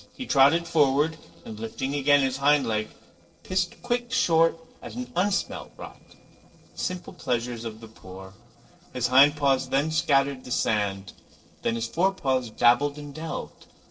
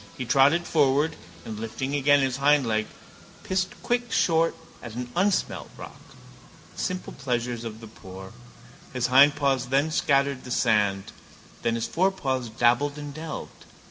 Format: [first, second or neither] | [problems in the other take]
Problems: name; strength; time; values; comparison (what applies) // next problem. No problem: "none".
second | noise reduction (neural separator model SepFormer DNS4)